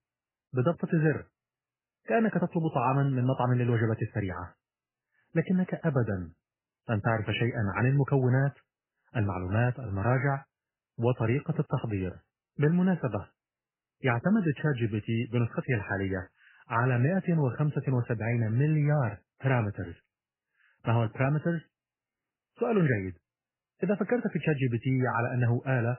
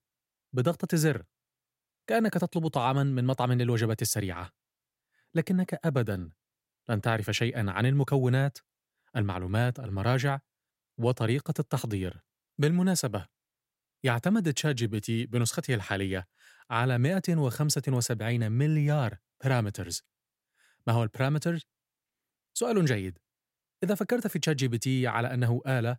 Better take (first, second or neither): second